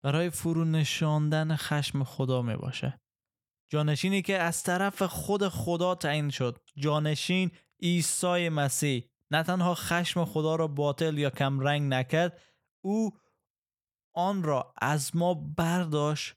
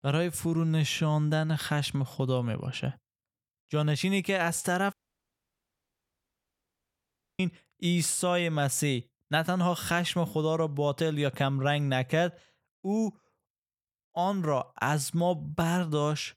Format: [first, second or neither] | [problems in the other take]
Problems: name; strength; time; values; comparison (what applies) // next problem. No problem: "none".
first | audio cutting out; at 5 s for 2.5 s